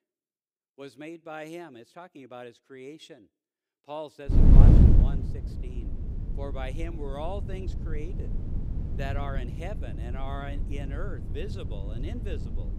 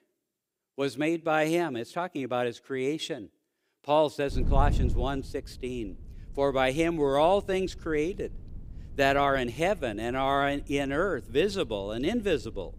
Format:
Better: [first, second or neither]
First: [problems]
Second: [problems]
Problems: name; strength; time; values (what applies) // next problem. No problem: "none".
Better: second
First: wind noise on the microphone; heavy; from 4.5 s on; 1 dB above the speech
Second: wind noise on the microphone; occasional gusts; from 4.5 s on; 25 dB below the speech